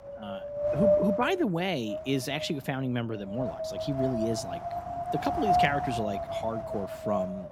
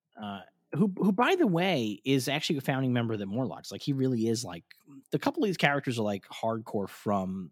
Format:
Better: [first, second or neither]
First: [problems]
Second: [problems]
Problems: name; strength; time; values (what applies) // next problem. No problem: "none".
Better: second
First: wind noise on the microphone; heavy; 3 dB above the speech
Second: none